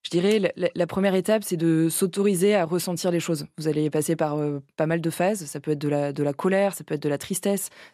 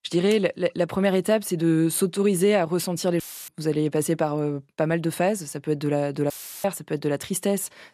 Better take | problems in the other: first | audio cutting out; filled with static; at 3 s and at 6.5 s

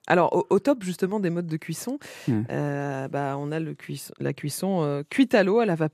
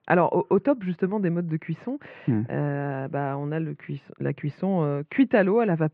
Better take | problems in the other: first | muffled; very; fading above 2.5 kHz

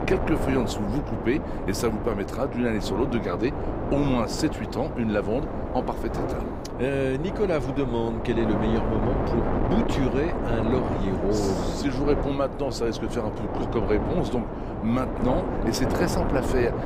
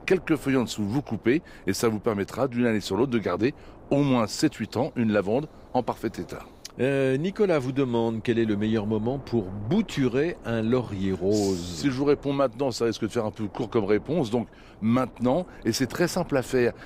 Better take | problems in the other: second | wind noise on the microphone; heavy; 2 dB below the speech; occasional gusts in the second

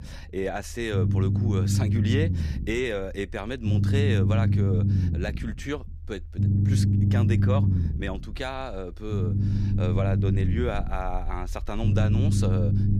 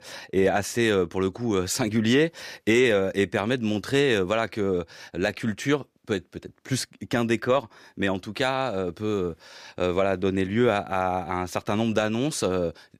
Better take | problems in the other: second | low rumble; loud; throughout; 3 dB below the speech

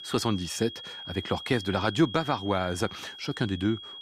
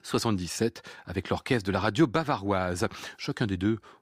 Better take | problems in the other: second | high-pitched whine; noticeable; throughout; 3.5 kHz, 10 dB below the speech

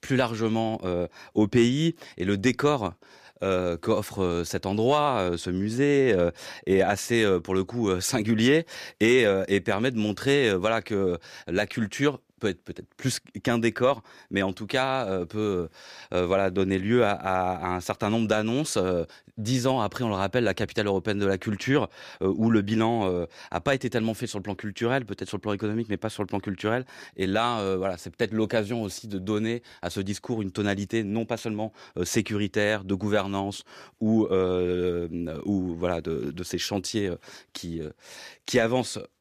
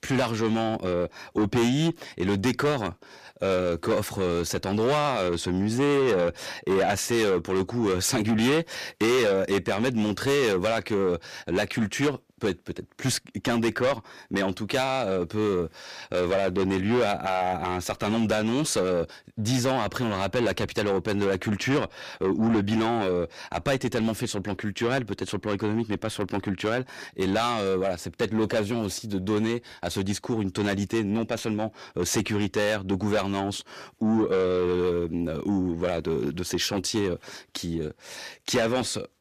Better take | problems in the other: first | distortion; heavy; 8 dB below the speech

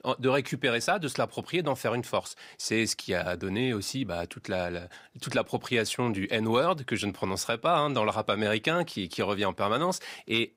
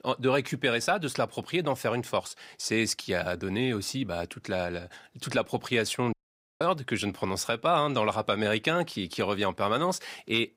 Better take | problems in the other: first | audio cutting out; at 6 s

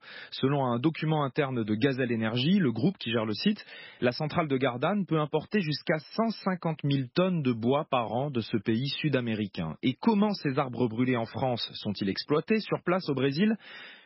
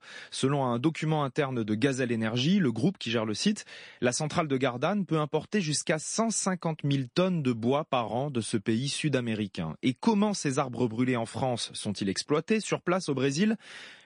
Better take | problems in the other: second | garbled, watery; badly; nothing above 5.5 kHz; slightly in the second

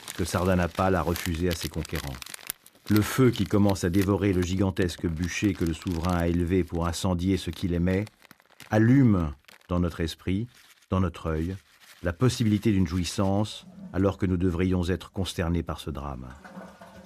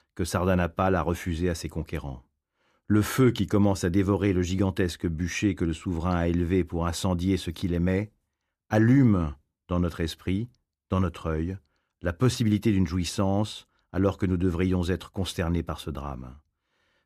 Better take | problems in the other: second | household noises; noticeable; throughout; 15 dB below the speech

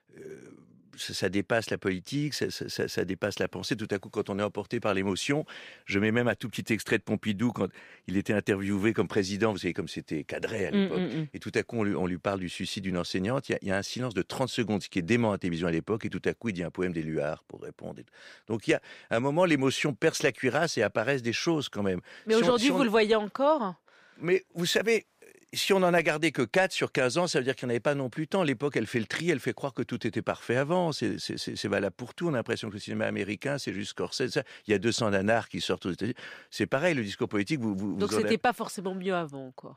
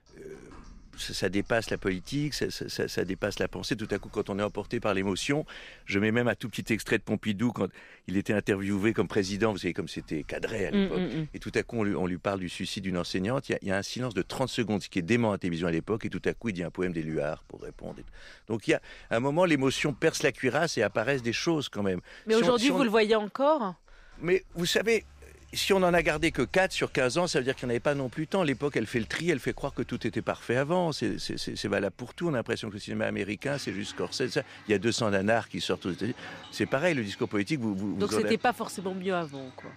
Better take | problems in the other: first | household noises; faint; throughout; 25 dB below the speech

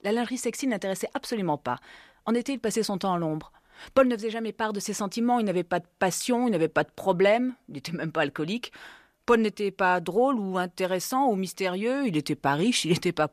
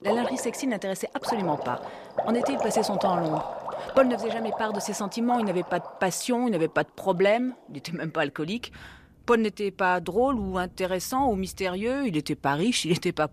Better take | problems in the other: first | rain or running water; loud; throughout; 6 dB below the speech

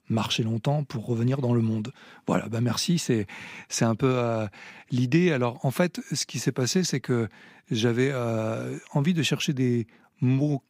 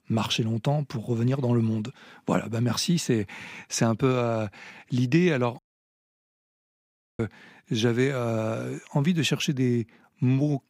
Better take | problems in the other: first | audio cutting out; at 5.5 s for 1.5 s

